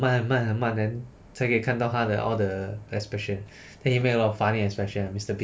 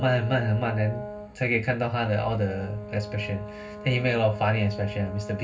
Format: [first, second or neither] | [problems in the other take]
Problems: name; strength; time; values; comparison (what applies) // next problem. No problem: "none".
first | background sound (Brass instrument); 13 dB below the speech // room echo; dies away in 0.4 s